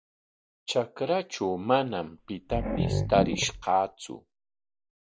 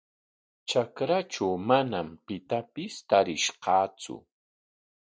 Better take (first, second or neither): second